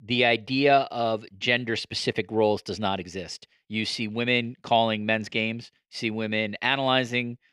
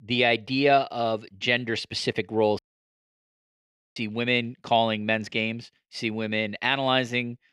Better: first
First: none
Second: audio cutting out; at 2.5 s for 1.5 s

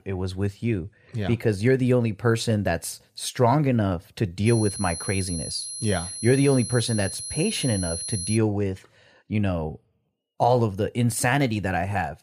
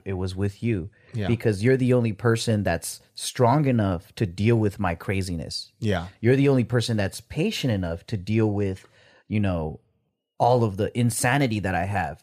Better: second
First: high-pitched whine; loud; from 4.5 to 8.5 s; 10.5 kHz, 6 dB below the speech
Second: none

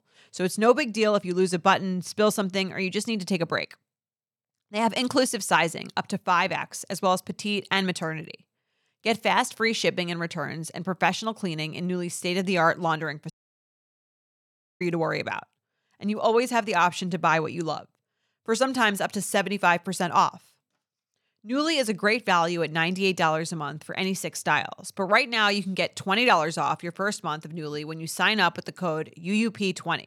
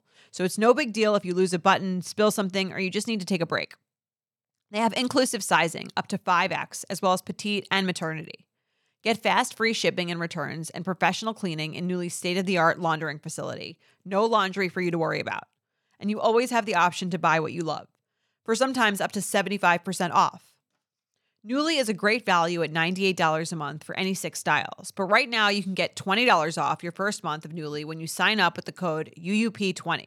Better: second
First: audio cutting out; at 13 s for 1.5 s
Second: none

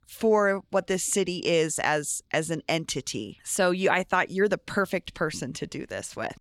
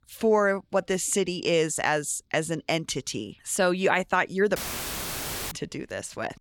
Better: first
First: none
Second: audio cutting out; filled with static; at 4.5 s for 1 s

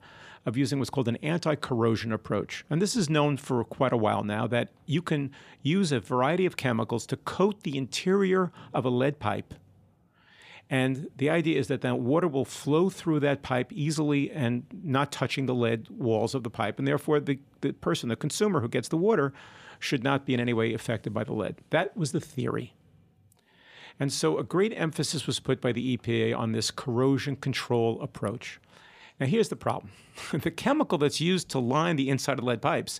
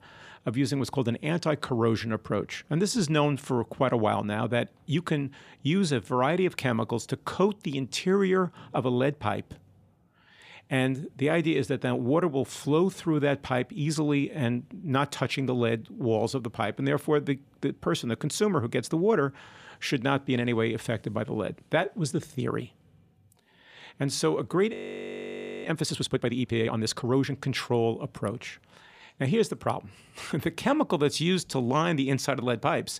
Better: first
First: none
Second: audio freezing; at 25 s for 1 s

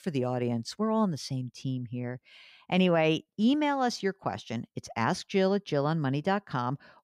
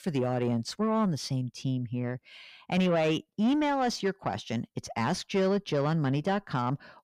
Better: first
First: none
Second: distortion; slight; 10 dB below the speech

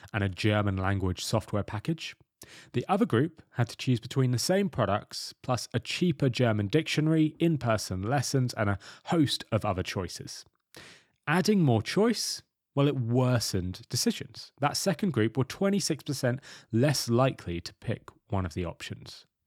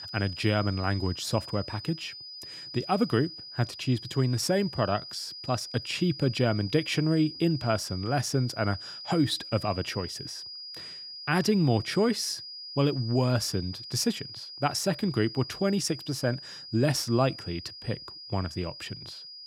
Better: first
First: none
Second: high-pitched whine; noticeable; throughout; 5 kHz, 10 dB below the speech

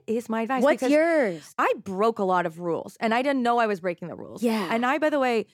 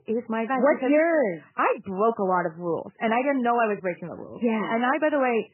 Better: first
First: none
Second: garbled, watery; badly; nothing above 3 kHz

